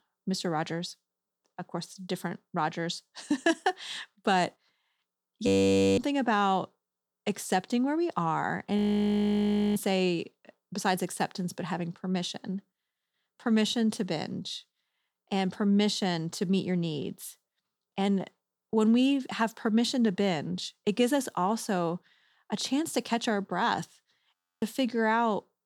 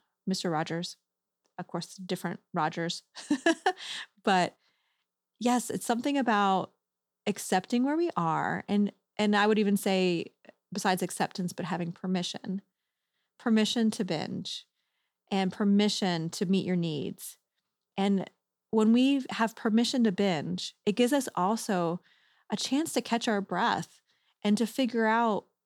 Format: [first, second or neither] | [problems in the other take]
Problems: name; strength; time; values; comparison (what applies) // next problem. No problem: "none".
second | audio freezing; at 5.5 s for 0.5 s, at 9 s for 1 s and at 24 s